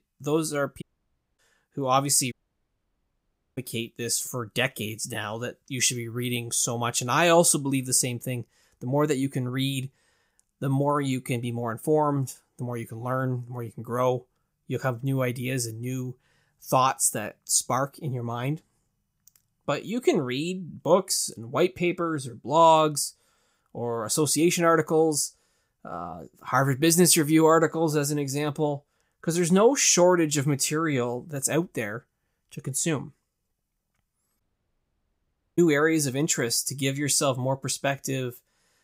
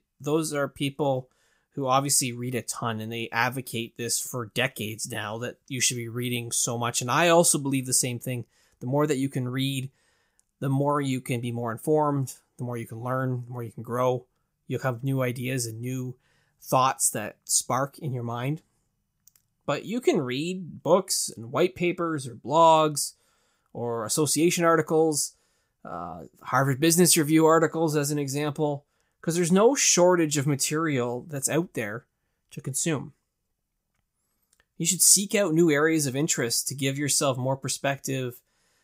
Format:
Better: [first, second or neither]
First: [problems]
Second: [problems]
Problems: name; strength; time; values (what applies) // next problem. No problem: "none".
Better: second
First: audio cutting out; at 1 s for 0.5 s, at 2.5 s for 1.5 s and at 34 s for 1 s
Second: none